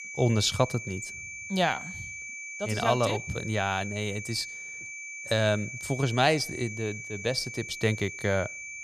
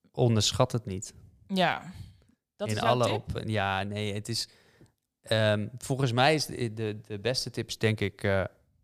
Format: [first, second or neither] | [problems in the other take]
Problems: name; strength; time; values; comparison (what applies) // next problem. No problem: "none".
second | high-pitched whine; loud; throughout; 2.5 kHz, 9 dB below the speech